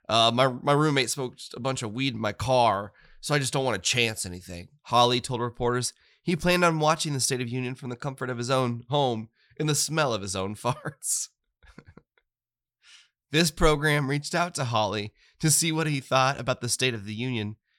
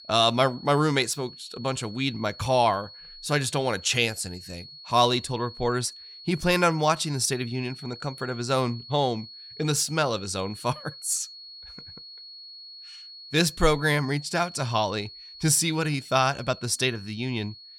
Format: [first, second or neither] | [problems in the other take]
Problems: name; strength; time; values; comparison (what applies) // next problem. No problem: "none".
first | high-pitched whine; noticeable; throughout; 4.5 kHz, 15 dB below the speech